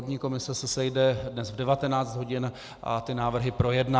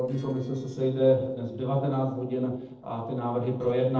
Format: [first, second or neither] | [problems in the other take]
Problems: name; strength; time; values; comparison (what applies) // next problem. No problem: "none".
first | noise reduction (neural separator model SepFormer DNS4)